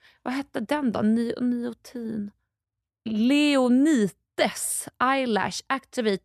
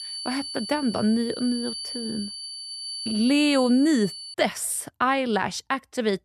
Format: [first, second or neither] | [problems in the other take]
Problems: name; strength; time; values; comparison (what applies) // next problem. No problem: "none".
first | high-pitched whine; loud; until 4.5 s; 4.5 kHz, 8 dB below the speech